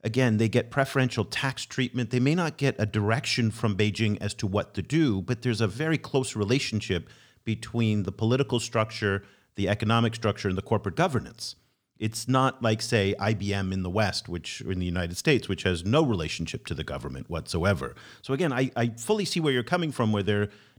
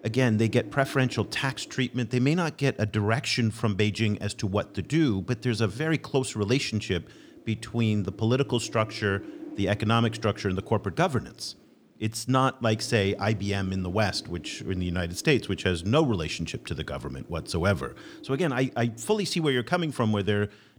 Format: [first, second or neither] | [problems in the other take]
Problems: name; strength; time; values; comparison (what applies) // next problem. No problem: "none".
first | wind noise on the microphone; occasional gusts; 20 dB below the speech